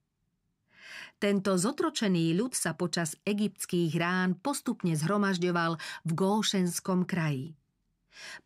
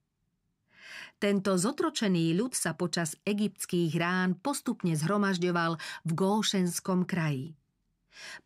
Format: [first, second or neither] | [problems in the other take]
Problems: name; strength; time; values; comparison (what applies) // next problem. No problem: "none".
neither | none